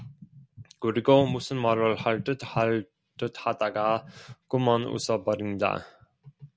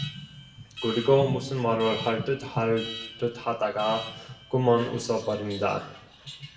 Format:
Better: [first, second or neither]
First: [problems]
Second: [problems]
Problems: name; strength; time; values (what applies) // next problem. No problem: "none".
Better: first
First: none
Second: background sound (Alarm); 15 dB below the speech // room echo; dies away in 0.6 s